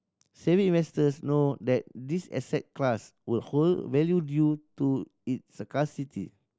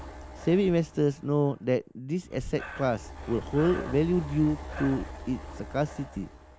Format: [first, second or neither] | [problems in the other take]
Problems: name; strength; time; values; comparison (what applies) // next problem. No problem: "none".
first | background sound (Breathing); 12 dB below the speech